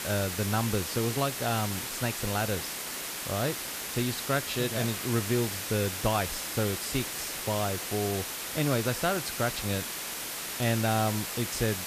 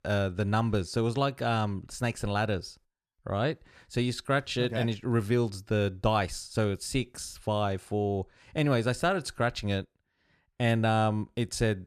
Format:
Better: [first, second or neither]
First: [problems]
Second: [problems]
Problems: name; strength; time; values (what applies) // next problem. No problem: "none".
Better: second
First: hiss; loud; throughout; 2 dB below the speech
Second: none